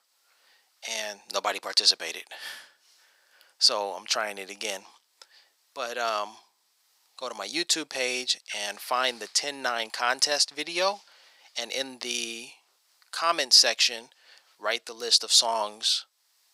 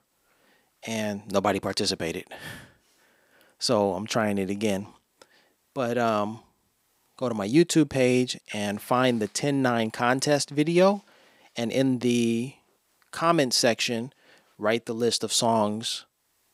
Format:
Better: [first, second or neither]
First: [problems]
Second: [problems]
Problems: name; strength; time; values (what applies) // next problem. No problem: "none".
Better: second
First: thin; very; fading below 800 Hz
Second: none